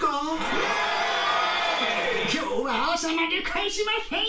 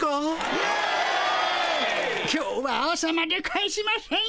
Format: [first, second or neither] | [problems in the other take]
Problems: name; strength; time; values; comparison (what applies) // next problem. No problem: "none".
second | room echo; dies away in 0.3 s